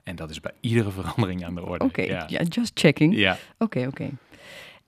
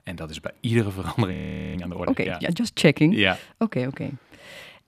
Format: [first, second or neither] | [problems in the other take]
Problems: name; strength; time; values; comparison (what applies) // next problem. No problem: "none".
first | audio freezing; at 1.5 s